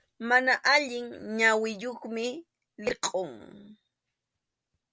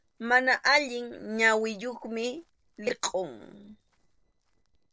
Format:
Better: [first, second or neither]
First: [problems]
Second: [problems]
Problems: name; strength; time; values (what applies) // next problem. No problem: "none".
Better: first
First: none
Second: noise reduction (neural separator model SepFormer DNS4)